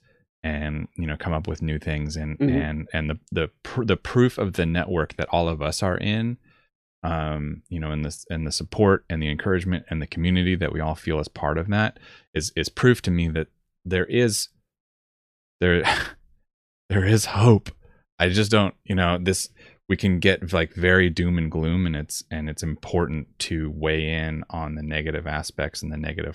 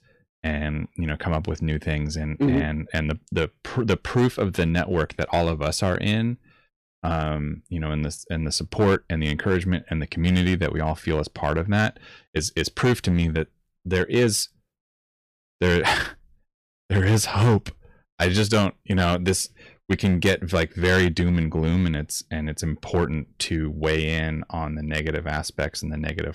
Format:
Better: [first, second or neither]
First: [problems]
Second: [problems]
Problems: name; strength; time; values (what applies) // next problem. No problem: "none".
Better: first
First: none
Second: distortion; slight; 3% of the sound clipped